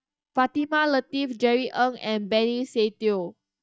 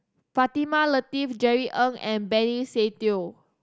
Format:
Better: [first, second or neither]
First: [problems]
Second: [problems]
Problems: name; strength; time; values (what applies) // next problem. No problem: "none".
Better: second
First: noise reduction (neural mask model DeepFilterNet 3)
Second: none